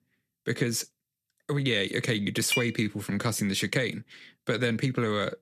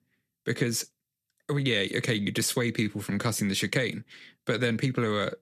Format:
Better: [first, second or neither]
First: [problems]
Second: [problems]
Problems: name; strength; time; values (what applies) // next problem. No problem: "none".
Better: second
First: clattering dishes; noticeable; at 2.5 s; peak 2 dB below the speech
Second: none